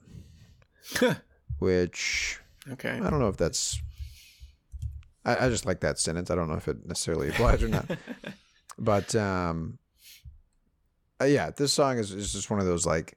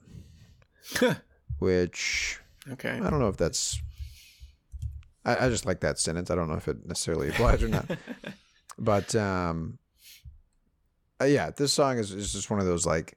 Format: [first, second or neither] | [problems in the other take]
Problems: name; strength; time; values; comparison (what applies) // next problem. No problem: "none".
neither | none